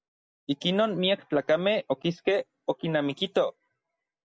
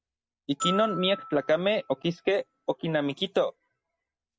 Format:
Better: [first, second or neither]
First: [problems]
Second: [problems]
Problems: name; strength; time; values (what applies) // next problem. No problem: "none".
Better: first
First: none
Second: background sound (Glockenspiel); 12 dB below the speech